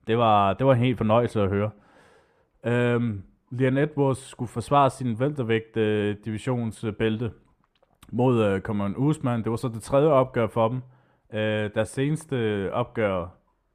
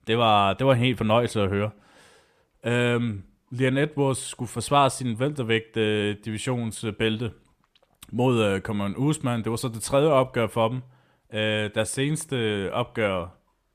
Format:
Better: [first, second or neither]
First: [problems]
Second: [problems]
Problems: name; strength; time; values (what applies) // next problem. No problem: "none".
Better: second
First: muffled; slightly; fading above 2 kHz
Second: none